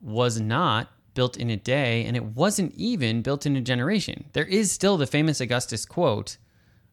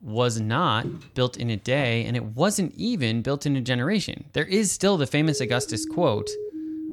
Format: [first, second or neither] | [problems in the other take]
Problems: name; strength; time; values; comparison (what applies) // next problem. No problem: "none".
first | footsteps; faint; from 1 to 2 s; peak 10 dB below the speech // siren; noticeable; from 5 s on; peak 9 dB below the speech